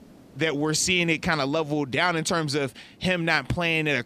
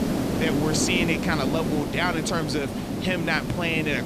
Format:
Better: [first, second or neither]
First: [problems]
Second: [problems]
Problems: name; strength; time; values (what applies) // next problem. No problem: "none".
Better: first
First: hiss; faint; throughout; 30 dB below the speech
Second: hiss; loud; throughout; 1 dB below the speech